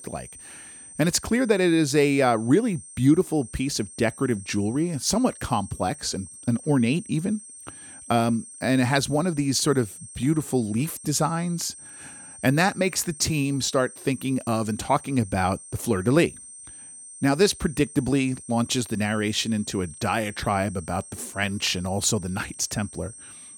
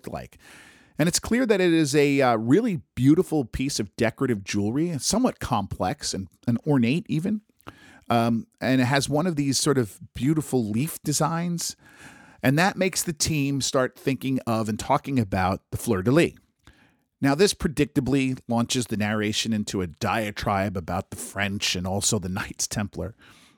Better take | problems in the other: second | high-pitched whine; noticeable; throughout; 8.5 kHz, 15 dB below the speech

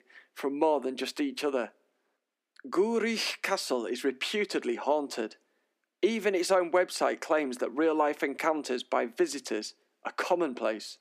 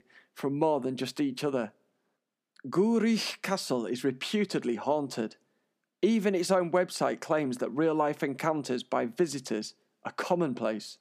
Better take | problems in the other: second | thin; very slightly; fading below 300 Hz

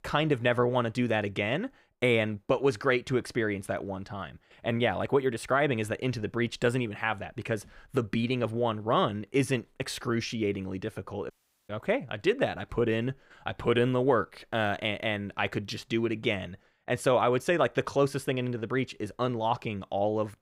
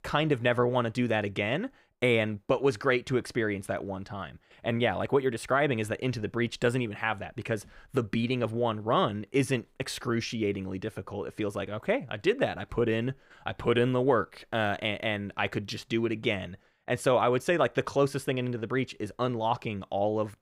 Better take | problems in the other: second | audio cutting out; at 11 s

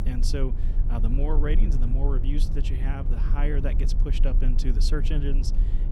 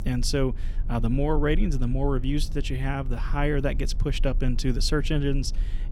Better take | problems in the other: second | low rumble; loud; throughout; 8 dB below the speech; faint in the second

